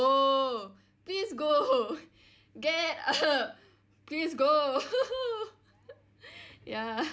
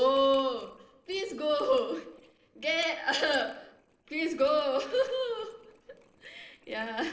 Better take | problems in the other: first | noise reduction (neural separator model SepFormer DNS4)

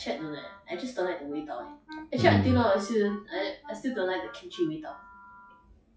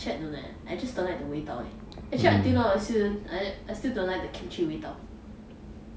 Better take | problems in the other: second | noise reduction (classical method log-MMSE)

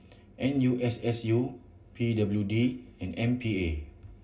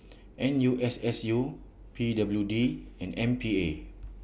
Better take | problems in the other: second | room echo; dies away in 0.4 s

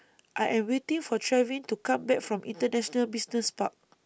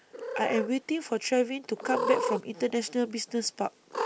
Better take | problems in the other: first | background sound (Cat); 5 dB below the speech

